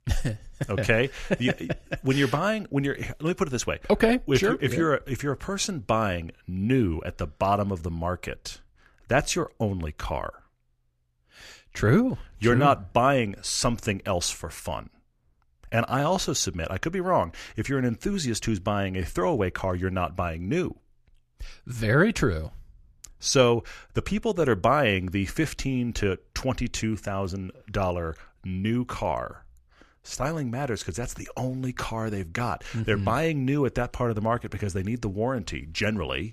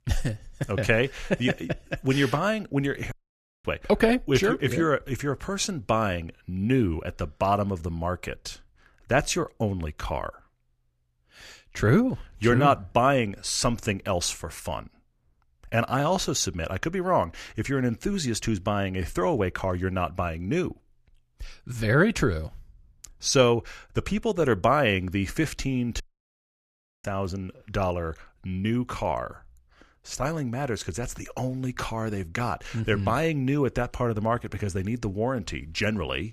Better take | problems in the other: first | audio cutting out; at 3 s for 0.5 s and at 26 s for 1 s

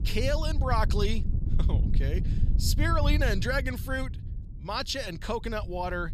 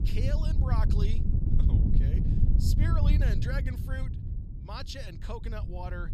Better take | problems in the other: first | wind noise on the microphone; heavy; 2 dB below the speech; occasional gusts in the first

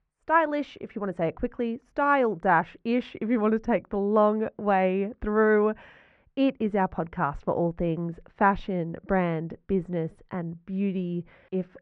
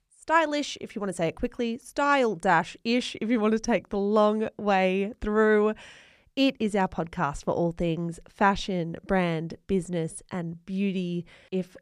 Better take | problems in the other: second | muffled; very; fading above 1.5 kHz

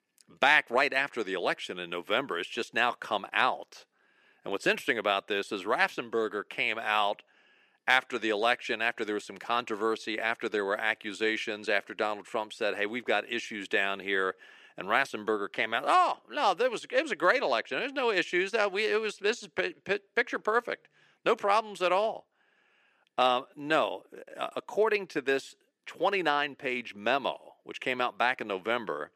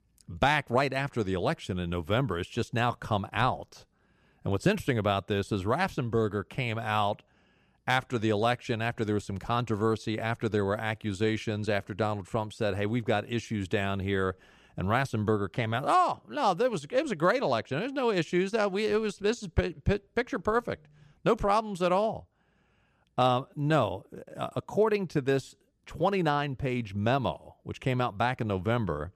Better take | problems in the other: second | thin; somewhat; fading below 300 Hz

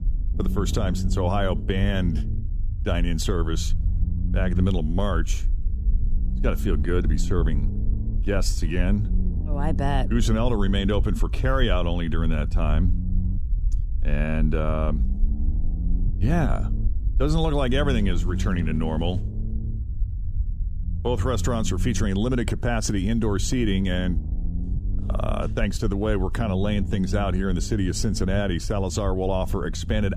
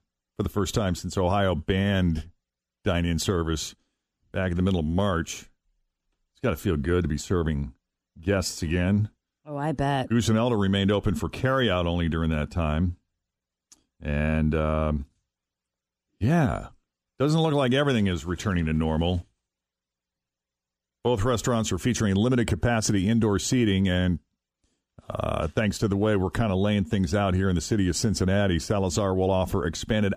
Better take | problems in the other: second | low rumble; noticeable; throughout; 15 dB below the speech

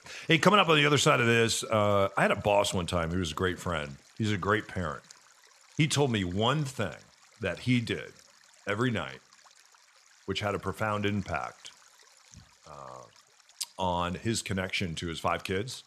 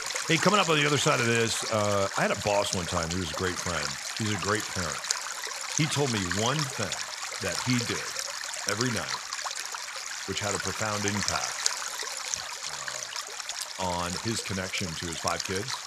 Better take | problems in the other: first | rain or running water; loud; throughout; 2 dB below the speech; faint in the first

